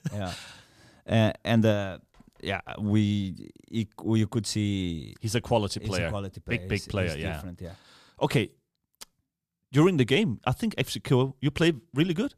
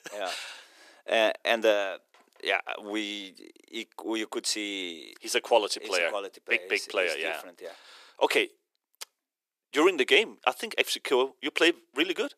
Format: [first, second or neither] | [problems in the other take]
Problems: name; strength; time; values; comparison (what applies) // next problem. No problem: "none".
first | thin; very; fading below 350 Hz